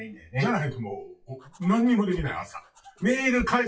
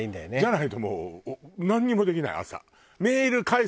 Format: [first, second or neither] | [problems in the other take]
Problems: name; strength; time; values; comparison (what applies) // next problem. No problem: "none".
second | noise reduction (classical method WPE with log-MMSE)